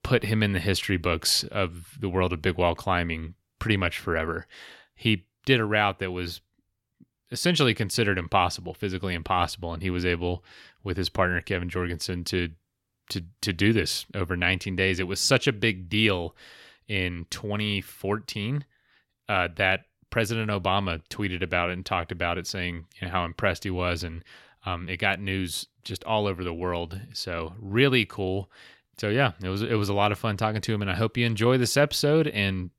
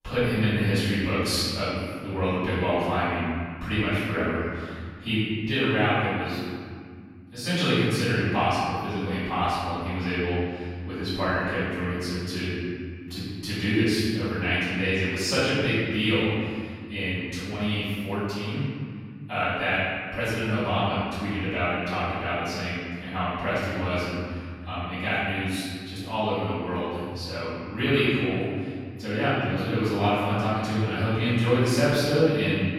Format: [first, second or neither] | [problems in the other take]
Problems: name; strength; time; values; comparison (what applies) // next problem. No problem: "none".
first | off-mic speech; far // room echo; strong; dies away in 2.1 s